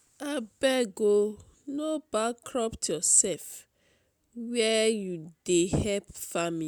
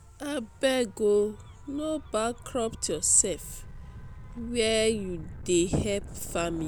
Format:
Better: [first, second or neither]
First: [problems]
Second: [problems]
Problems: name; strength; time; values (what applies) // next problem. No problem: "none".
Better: first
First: none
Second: background sound (Gull, seagull / Waves, surf / Siren); 14 dB below the speech